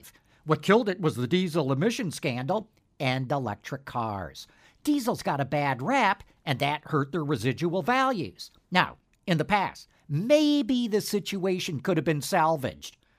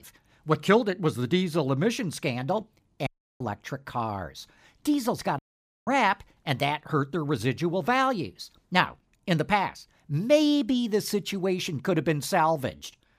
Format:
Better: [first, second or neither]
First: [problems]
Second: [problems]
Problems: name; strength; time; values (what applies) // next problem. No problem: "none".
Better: first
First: none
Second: audio cutting out; at 3 s and at 5.5 s